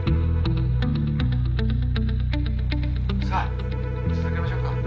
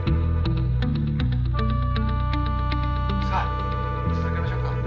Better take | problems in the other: first | background sound (Wind instrument, woodwind instrument); 12 dB below the speech

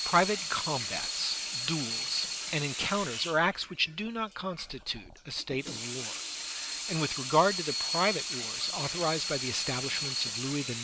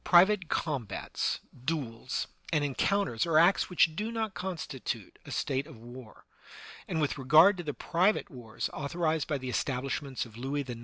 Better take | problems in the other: second | background sound (Sink (filling or washing) / Water tap, faucet); 4 dB below the speech

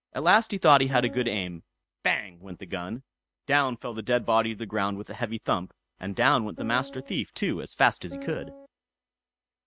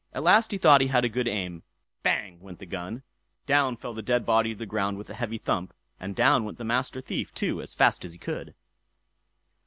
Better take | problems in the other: second | noise reduction (neural mask model RNNoise)

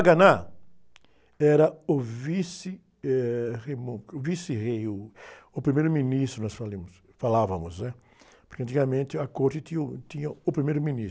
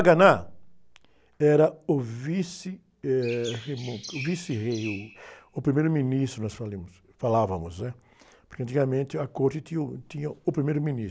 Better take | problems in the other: first | background sound (Chirp, tweet); 16 dB below the speech

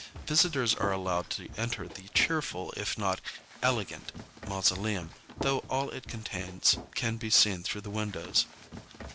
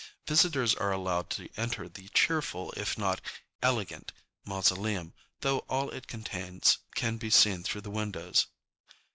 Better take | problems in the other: second | background sound (Run); 14 dB below the speech

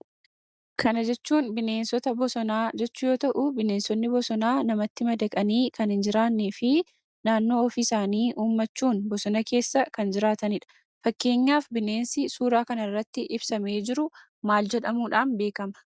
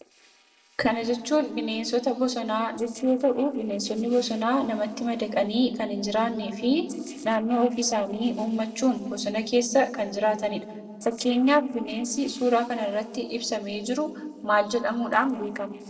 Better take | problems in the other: first | noise reduction (neural separator model SepFormer DNS4)

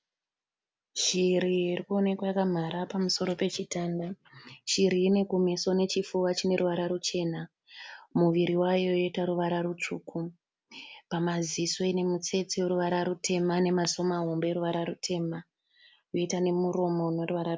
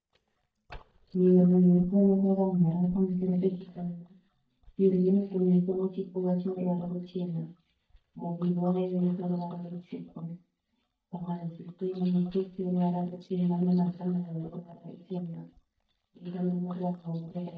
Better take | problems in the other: first | noise reduction (neural mask model DeepFilterNet 3)

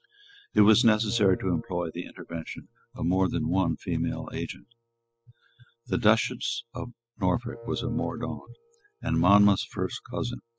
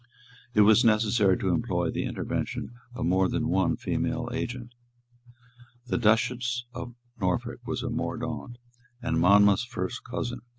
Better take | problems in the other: second | noise reduction (classical method spectral subtraction)

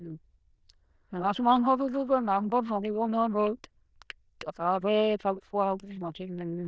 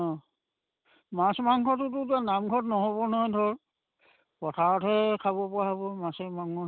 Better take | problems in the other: second | noise reduction (neural diffusion model UNIVERSE++)

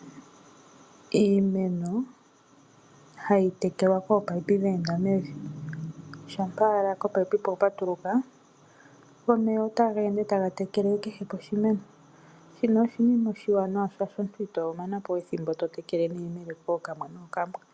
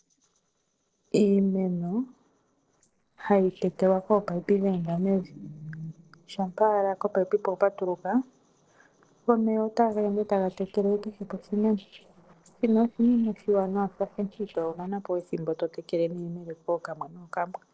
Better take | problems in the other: first | noise reduction (neural separator model SepFormer DNS4)

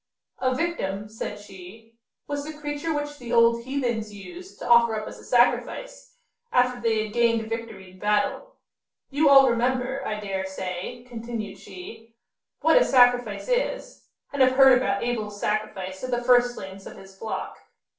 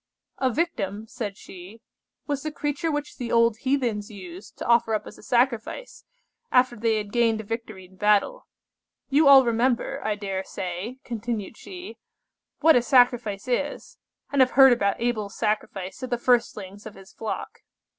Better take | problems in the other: second | room echo; dies away in 0.4 s

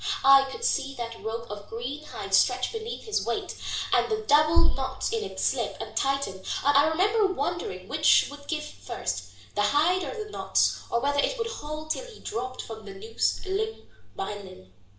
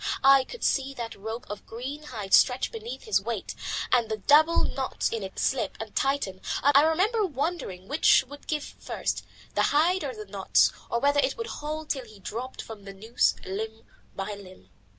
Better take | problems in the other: second | room echo; dies away in 0.5 s

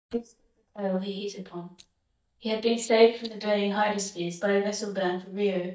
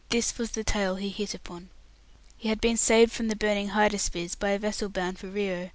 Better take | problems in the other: second | noise reduction (neural mask model DeepFilterNet 3)

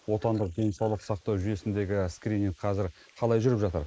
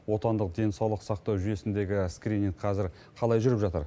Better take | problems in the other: second | noise reduction (neural mask model Resemble Enhance denoiser)

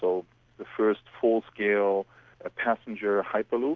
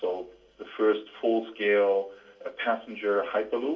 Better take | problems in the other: first | room echo; dies away in 0.2 s

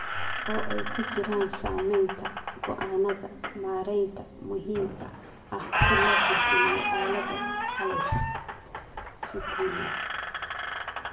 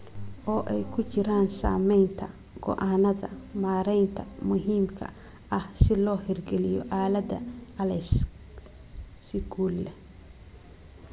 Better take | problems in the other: second | background sound (Squeak); 1 dB above the speech // room echo; dies away in 0.7 s

